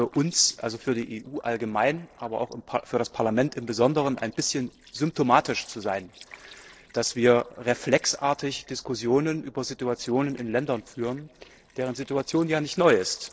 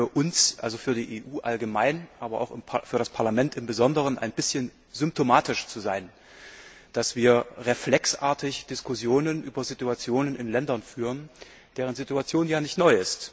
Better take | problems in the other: second | noise reduction (neural separator model SepFormer DNS4)

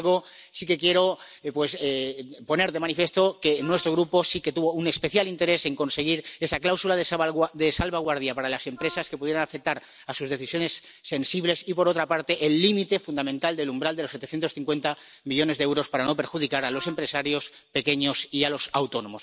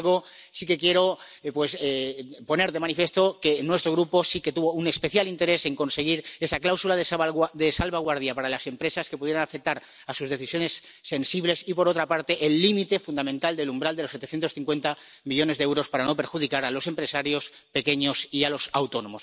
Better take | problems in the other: second | background sound (Wind instrument, woodwind instrument); 20 dB below the speech

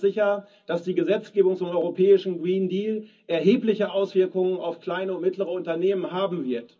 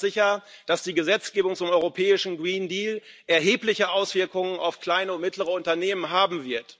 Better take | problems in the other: second | room echo; dies away in 0.4 s

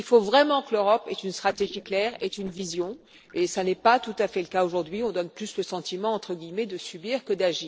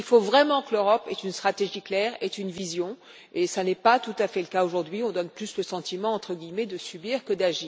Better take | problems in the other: second | noise reduction (neural separator model SepFormer DNS4)

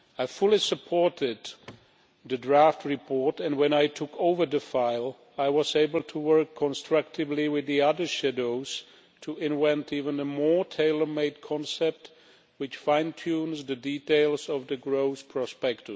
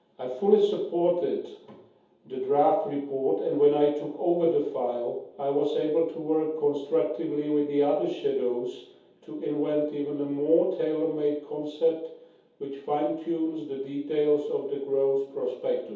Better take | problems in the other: first | room echo; dies away in 0.7 s

